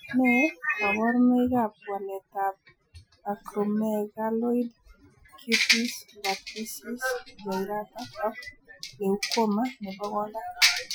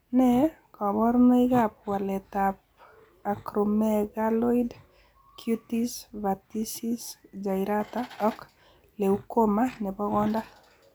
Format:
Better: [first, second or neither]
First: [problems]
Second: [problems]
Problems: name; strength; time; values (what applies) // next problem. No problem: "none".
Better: second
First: noise reduction (classical method Wiener filter)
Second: none